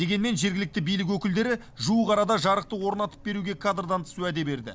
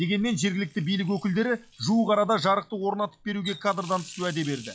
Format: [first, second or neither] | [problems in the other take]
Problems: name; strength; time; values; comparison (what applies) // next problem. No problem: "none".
first | noise reduction (classical method log-MMSE)